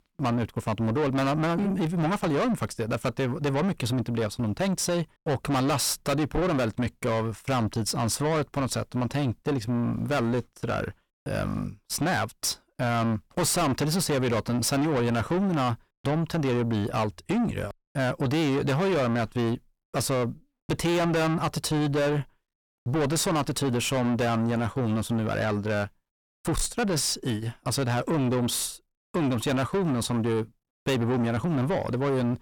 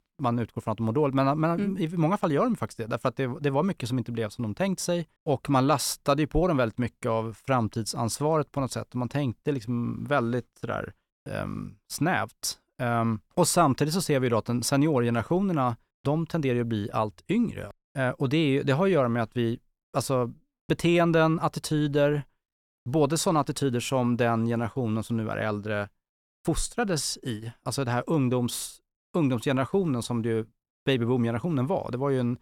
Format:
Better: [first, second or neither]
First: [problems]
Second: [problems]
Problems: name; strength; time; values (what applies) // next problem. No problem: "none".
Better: second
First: distortion; heavy; 7 dB below the speech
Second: none